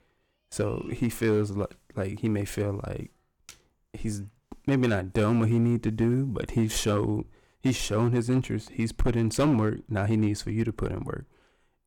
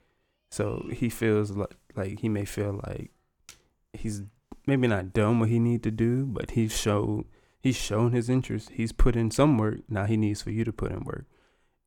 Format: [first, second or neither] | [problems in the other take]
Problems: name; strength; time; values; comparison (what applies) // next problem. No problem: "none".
second | distortion; slight; 3% of the sound clipped